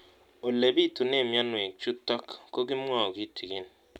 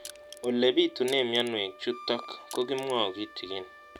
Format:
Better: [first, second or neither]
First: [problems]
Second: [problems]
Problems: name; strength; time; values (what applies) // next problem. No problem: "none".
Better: first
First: none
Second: background sound (Wind instrument, woodwind instrument + Crushing); 17 dB below the speech